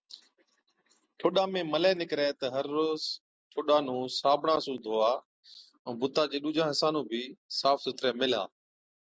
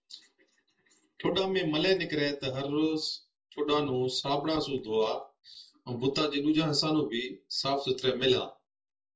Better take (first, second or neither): first